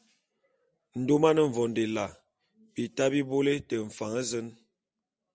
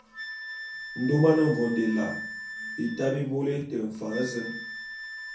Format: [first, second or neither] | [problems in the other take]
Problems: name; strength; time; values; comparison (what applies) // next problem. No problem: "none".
first | background sound (Wind instrument, woodwind instrument); 11 dB below the speech // room echo; dies away in 0.5 s